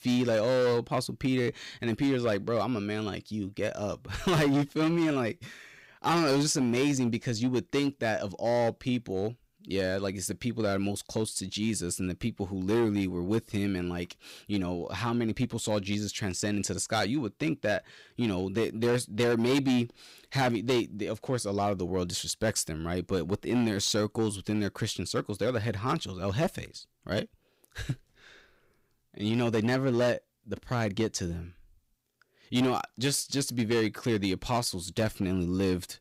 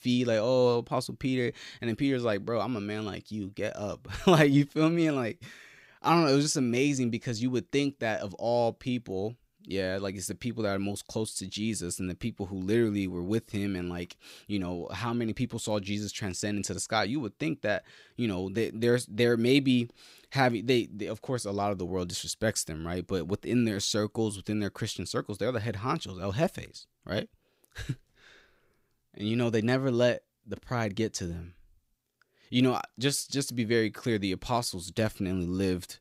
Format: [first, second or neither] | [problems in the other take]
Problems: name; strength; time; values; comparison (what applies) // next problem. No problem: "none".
second | distortion; slight; 7% of the sound clipped